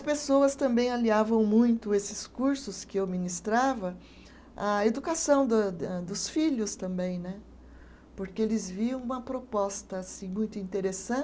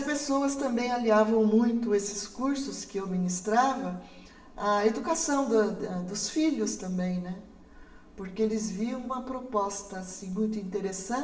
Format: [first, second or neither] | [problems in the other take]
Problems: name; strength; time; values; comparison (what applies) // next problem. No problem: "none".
first | room echo; dies away in 0.8 s